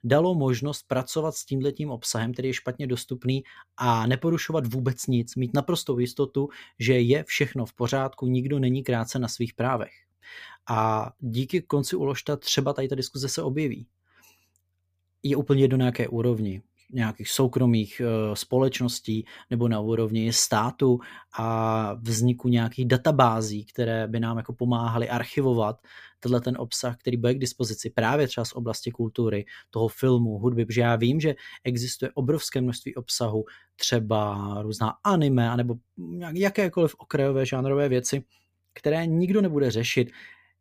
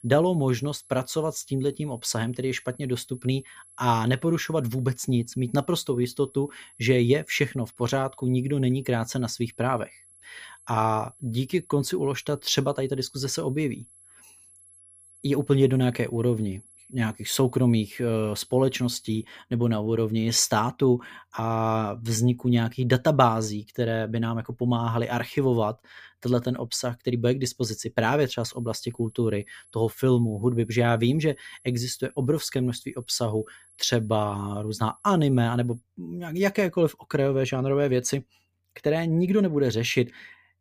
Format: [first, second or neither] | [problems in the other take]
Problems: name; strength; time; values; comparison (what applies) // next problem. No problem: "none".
first | high-pitched whine; faint; until 19 s and from 28 to 36 s; 11 kHz, 25 dB below the speech